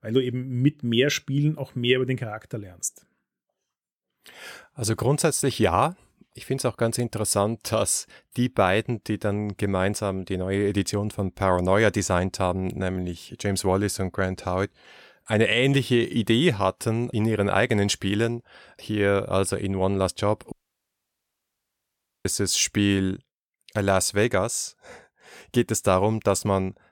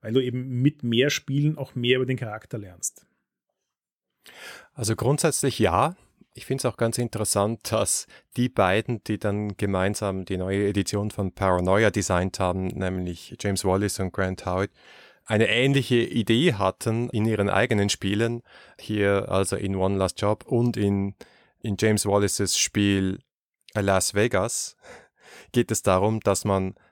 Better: second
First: audio cutting out; at 21 s for 1.5 s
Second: none

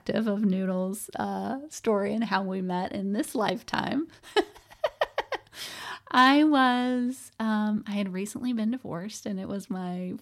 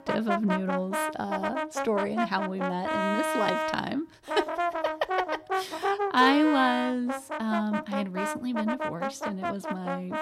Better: first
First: none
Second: background music; loud; throughout; 2 dB below the speech

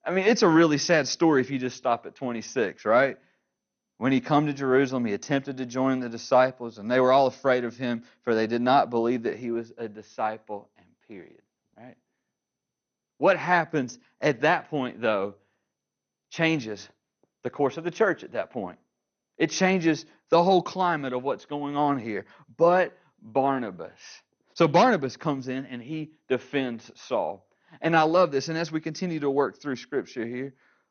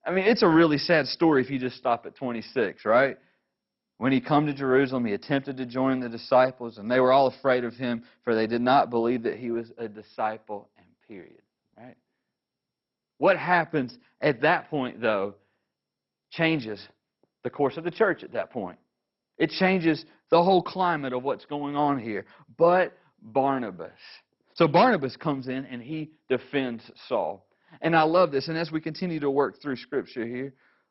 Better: first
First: garbled, watery; slightly; nothing above 6.5 kHz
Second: garbled, watery; badly; nothing above 5.5 kHz

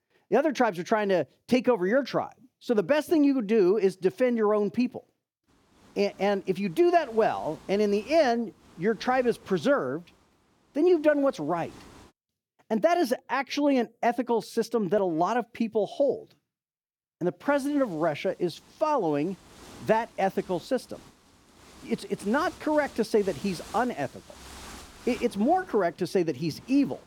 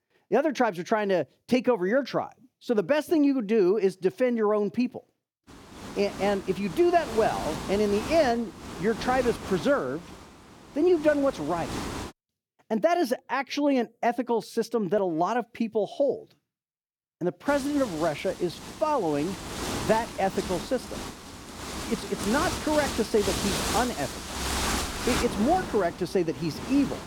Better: first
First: wind noise on the microphone; occasional gusts; from 5.5 to 12 s and from 17 s on; 25 dB below the speech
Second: wind noise on the microphone; heavy; from 5.5 to 12 s and from 17 s on; 7 dB below the speech

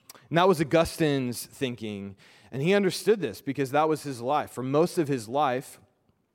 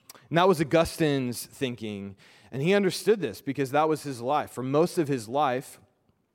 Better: neither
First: none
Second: none

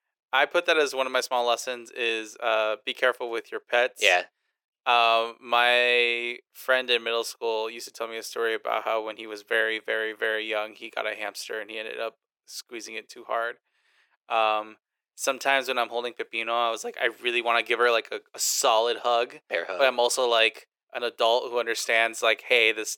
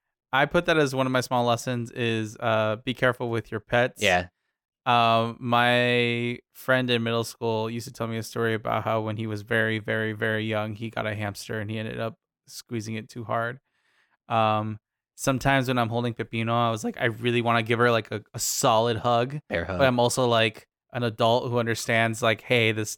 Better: second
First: thin; very; fading below 400 Hz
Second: none

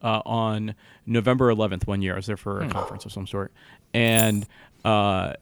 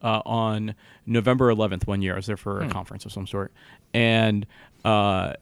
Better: second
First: dog barking; noticeable; at 2.5 s; peak 10 dB below the speech // jangling keys; noticeable; at 4 s; peak level with the speech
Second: none

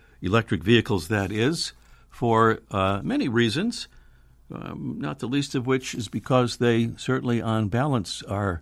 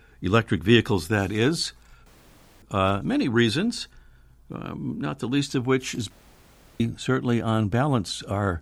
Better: first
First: none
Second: audio cutting out; at 2 s for 0.5 s and at 6 s for 0.5 s

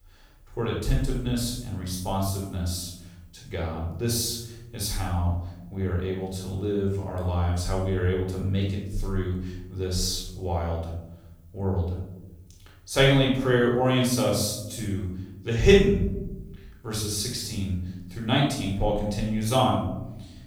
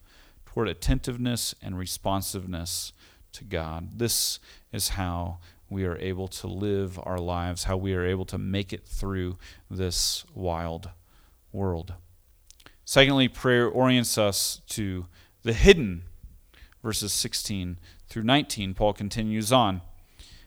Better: second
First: room echo; noticeable; dies away in 1 s // off-mic speech; far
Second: none

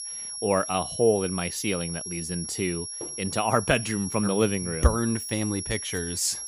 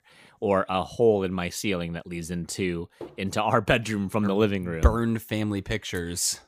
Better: second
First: high-pitched whine; loud; throughout; 5.5 kHz, 6 dB below the speech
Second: none

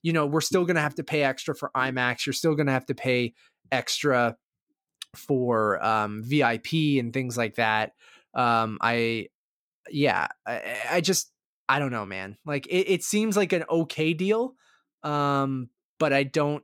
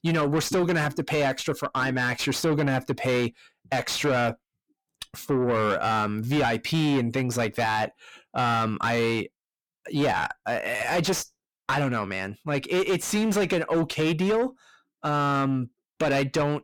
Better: first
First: none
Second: distortion; heavy; 7 dB below the speech

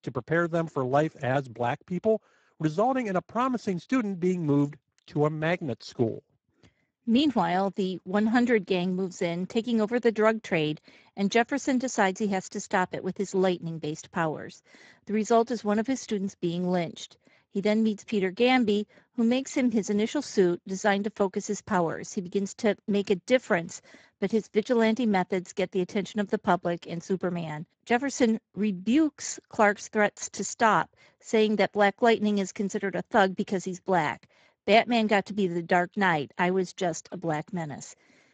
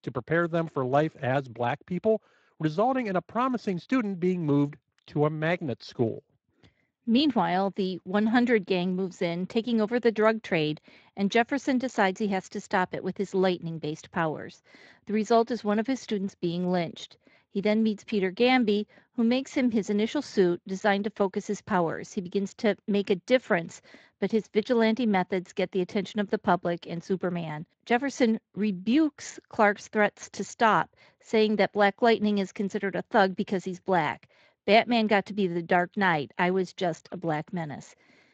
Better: second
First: garbled, watery; badly; nothing above 7.5 kHz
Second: garbled, watery; slightly; nothing above 7.5 kHz

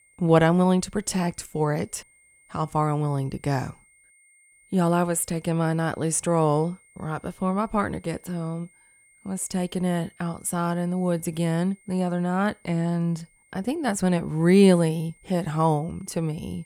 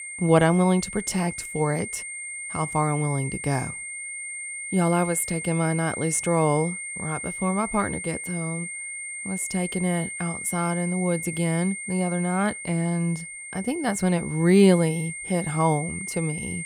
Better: first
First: high-pitched whine; faint; throughout; 2 kHz, 30 dB below the speech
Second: high-pitched whine; loud; throughout; 2 kHz, 7 dB below the speech

